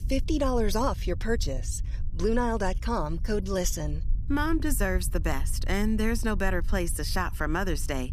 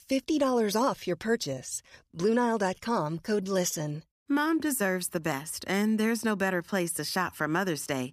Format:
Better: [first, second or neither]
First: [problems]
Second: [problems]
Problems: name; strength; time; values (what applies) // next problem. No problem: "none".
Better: second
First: low rumble; faint; throughout; 25 dB below the speech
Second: none